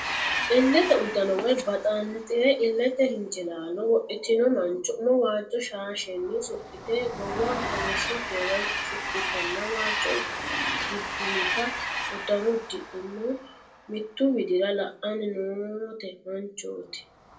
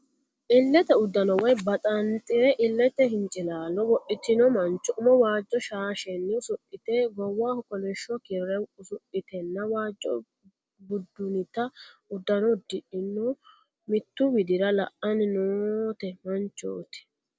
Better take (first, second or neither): second